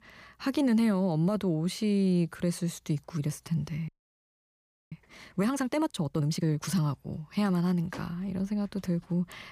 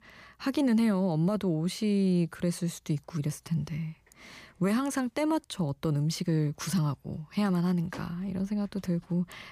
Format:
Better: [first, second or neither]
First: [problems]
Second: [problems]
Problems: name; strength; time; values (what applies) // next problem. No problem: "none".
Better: second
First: audio freezing; at 4 s for 1 s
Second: none